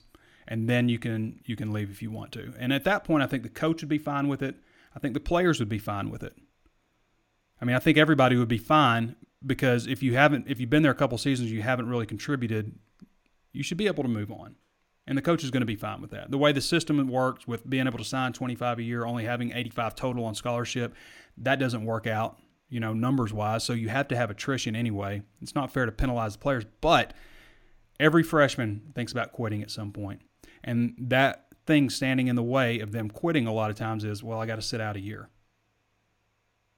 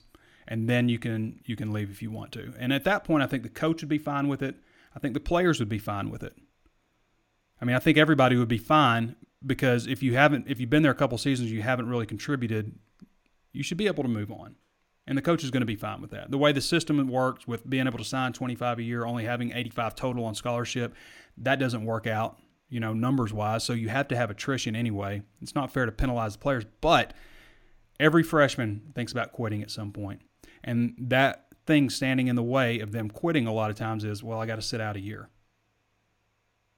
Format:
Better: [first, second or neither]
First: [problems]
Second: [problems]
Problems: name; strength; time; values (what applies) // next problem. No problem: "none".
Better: neither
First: none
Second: none